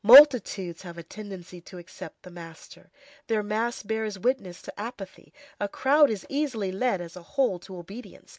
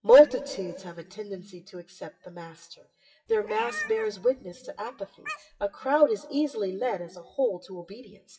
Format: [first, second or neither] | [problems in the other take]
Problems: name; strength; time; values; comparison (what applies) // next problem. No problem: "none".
first | noise reduction (classical method WPE with log-MMSE)